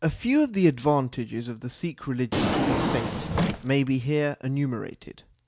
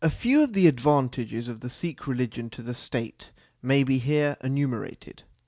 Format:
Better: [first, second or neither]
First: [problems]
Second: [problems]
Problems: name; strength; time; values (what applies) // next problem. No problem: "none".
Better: second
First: background sound (Drawer open or close); 1 dB below the speech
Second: none